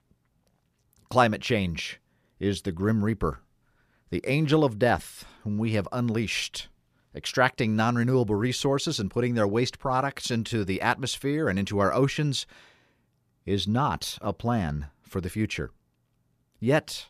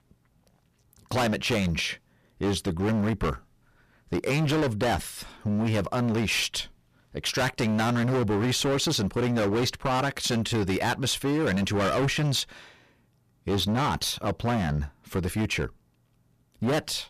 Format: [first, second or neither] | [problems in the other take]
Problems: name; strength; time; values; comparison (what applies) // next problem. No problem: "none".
first | distortion; heavy; 20% of the sound clipped